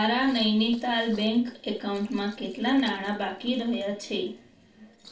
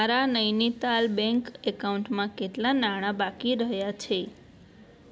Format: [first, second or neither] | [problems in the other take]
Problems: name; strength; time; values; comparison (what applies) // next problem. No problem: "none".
second | noise reduction (neural separator model SepFormer DNS4)